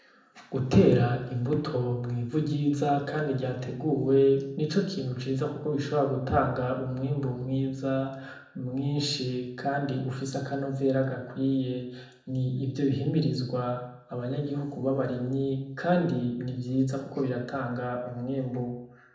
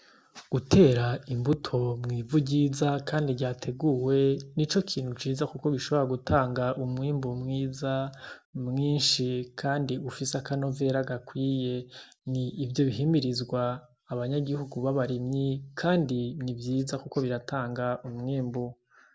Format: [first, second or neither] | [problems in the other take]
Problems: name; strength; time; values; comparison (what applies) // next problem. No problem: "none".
second | room echo; dies away in 0.7 s